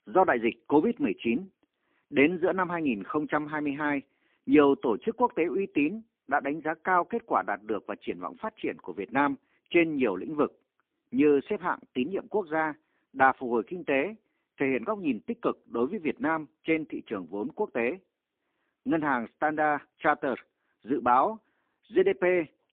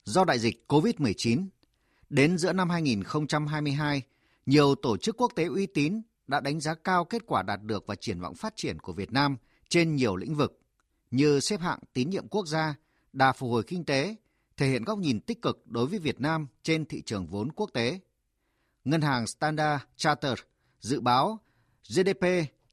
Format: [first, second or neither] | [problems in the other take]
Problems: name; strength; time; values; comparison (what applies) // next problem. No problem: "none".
second | phone-call audio; poor line